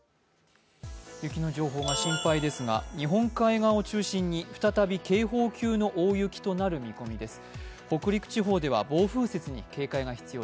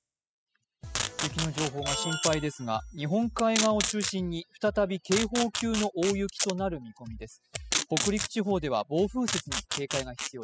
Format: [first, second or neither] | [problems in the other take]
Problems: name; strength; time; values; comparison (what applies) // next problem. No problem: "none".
first | noise reduction (classical method spectral subtraction)